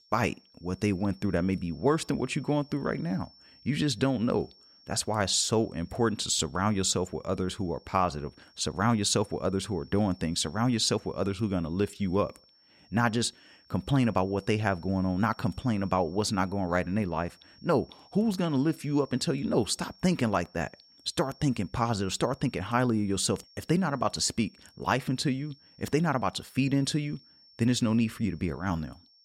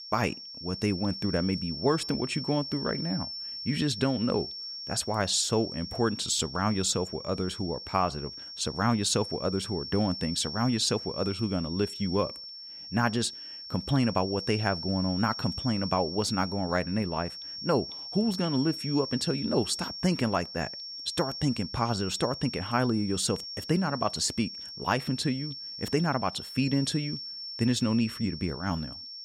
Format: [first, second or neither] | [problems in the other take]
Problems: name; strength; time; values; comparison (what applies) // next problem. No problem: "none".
first | high-pitched whine; loud; throughout; 5.5 kHz, 8 dB below the speech; faint in the first